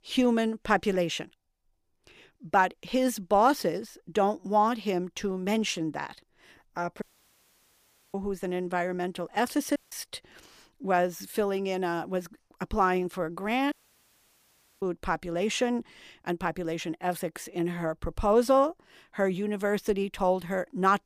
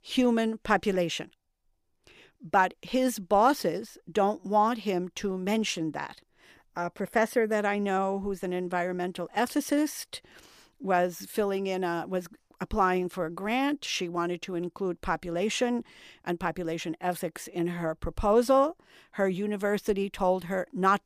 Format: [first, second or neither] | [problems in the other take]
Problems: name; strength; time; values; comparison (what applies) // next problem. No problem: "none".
second | audio cutting out; at 7 s for 1 s, at 10 s and at 14 s for 1 s